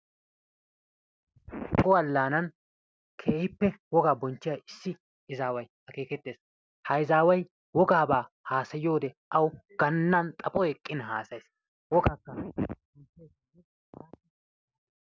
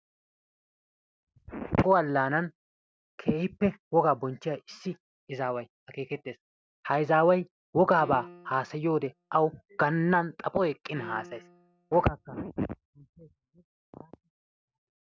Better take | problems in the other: first | background sound (Piano); 18 dB below the speech

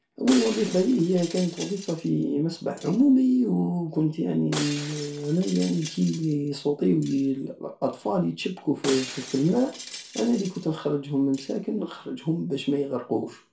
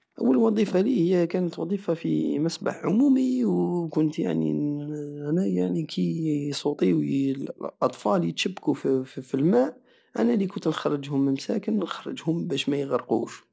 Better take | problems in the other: second | background sound (Shatter); 15 dB below the speech // room echo; dies away in 0.3 s

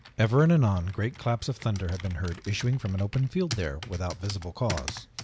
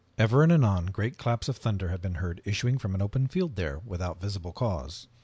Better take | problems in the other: second | background sound (Computer keyboard); 15 dB below the speech

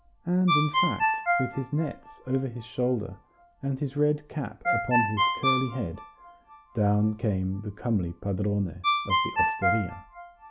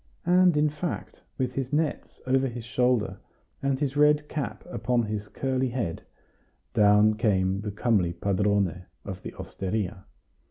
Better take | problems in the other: second | background sound (Ringtone); 2 dB below the speech

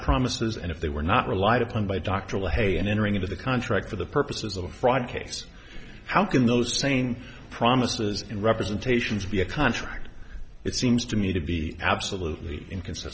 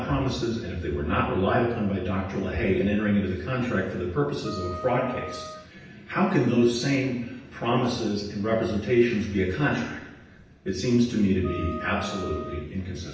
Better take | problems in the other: first | background sound (Wind instrument, woodwind instrument); 14 dB below the speech // room echo; dies away in 0.9 s

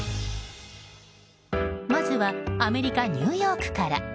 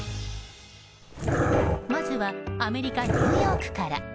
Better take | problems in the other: first | background sound (Dog); 3 dB above the speech

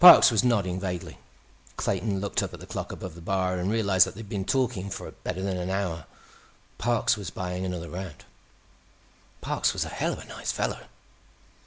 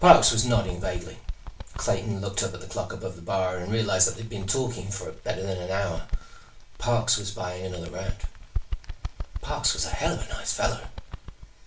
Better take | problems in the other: first | background sound (Bird); 8 dB below the speech // room echo; dies away in 0.2 s

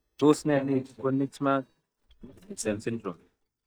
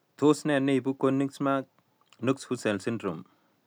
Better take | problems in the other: second | noise reduction (neural mask model DeepFilterNet 3)

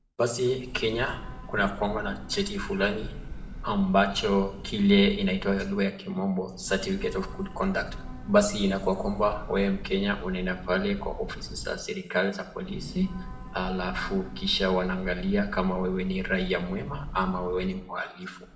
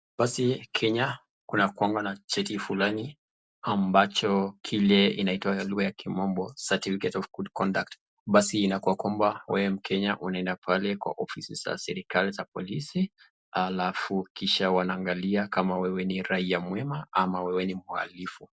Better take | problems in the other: second | background sound (Train / Breathing); 11 dB below the speech // room echo; dies away in 0.7 s

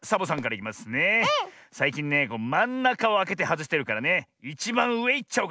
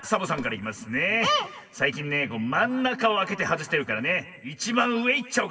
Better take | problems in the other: first | room echo; dies away in 1.9 s

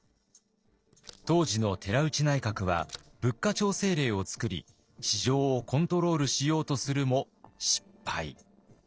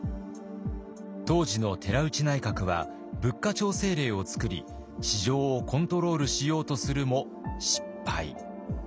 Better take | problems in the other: second | noise reduction (neural separator model SepFormer DNS4)

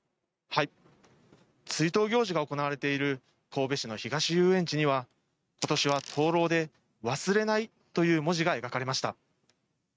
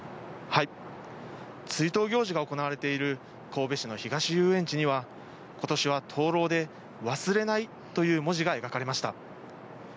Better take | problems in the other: second | noise reduction (neural mask model RNNoise)

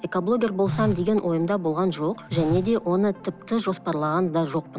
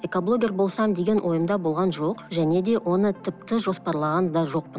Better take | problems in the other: second | background sound (Telephone); 10 dB below the speech

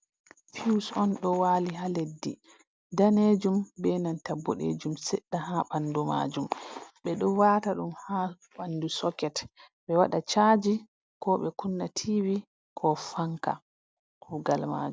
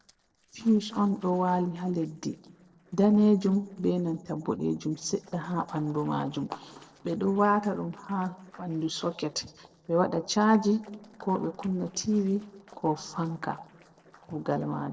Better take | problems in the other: first | noise reduction (neural separator model SepFormer DNS4)

